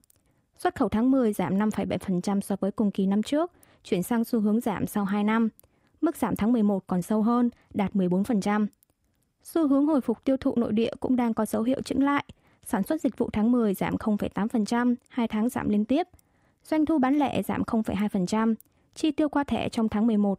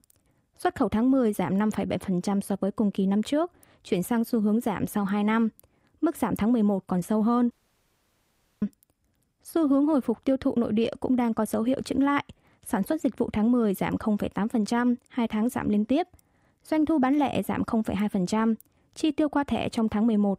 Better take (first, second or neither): first